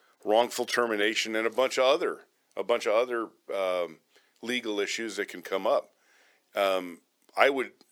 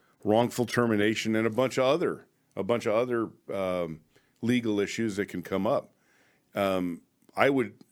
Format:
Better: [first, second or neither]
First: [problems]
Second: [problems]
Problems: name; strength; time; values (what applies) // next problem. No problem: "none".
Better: second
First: thin; somewhat; fading below 500 Hz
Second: none